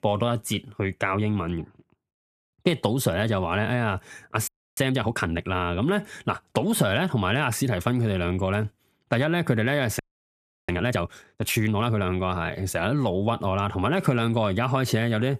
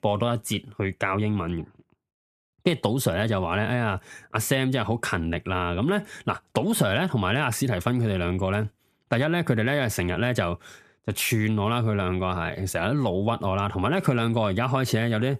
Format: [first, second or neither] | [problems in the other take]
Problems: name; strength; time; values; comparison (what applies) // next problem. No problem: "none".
second | audio freezing; at 4.5 s and at 10 s for 0.5 s